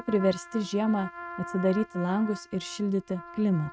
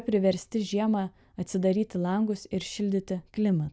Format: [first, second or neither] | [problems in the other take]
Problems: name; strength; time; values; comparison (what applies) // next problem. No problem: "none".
second | noise reduction (neural mask model RNNoise)